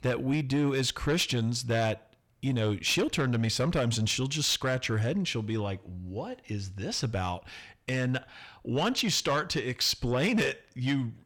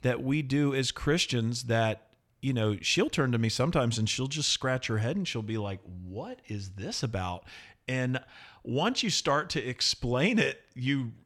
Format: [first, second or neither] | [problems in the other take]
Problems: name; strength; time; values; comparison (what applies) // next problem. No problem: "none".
second | distortion; slight; 10 dB below the speech